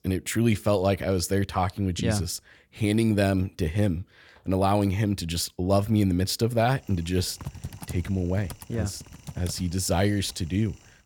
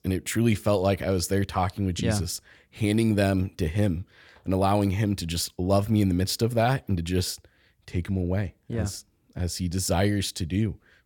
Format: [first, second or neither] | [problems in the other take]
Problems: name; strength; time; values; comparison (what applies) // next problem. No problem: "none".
second | keyboard typing; faint; from 7 to 10 s; peak 10 dB below the speech